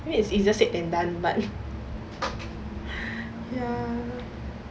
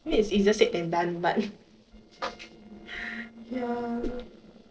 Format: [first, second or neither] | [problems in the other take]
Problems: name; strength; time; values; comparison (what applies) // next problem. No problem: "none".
first | noise reduction (neural separator model SepFormer DNS4)